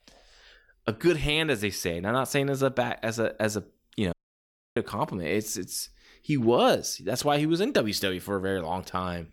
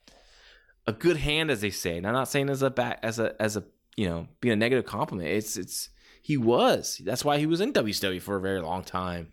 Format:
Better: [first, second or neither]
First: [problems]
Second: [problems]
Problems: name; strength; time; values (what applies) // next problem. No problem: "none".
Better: second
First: audio cutting out; at 4 s for 0.5 s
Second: none